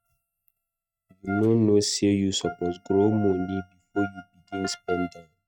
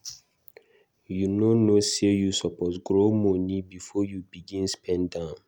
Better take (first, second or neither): second